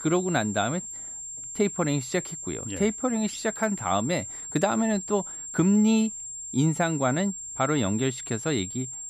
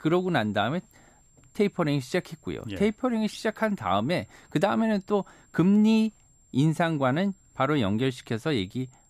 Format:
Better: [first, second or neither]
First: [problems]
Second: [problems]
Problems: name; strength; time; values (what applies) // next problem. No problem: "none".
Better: second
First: high-pitched whine; loud; throughout; 7.5 kHz, 8 dB below the speech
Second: high-pitched whine; faint; throughout; 7.5 kHz, 35 dB below the speech